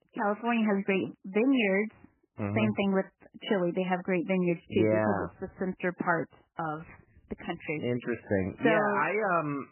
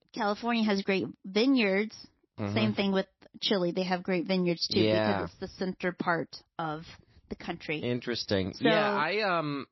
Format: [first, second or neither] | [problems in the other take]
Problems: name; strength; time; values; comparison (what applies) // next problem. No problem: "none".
second | garbled, watery; badly; nothing above 3 kHz; slightly in the second